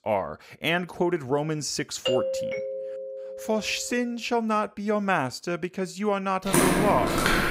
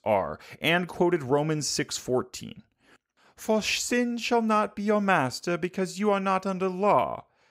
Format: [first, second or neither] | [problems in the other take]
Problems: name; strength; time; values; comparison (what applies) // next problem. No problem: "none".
second | doorbell; loud; from 2 to 3.5 s; peak 1 dB above the speech // footsteps; loud; from 6.5 s on; peak 6 dB above the speech